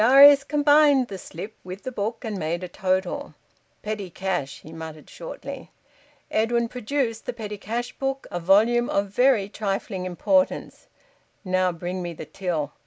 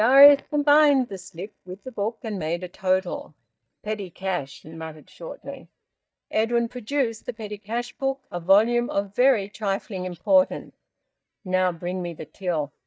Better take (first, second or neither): first